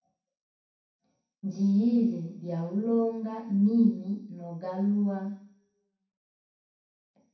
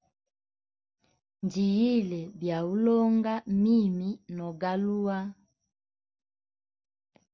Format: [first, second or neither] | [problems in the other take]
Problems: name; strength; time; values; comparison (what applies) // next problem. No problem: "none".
second | room echo; dies away in 0.6 s